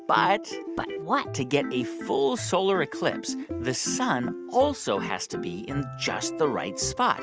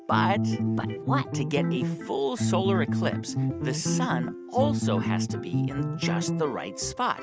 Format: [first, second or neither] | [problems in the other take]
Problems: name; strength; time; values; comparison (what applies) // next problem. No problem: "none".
first | background sound (Bass guitar); 2 dB above the speech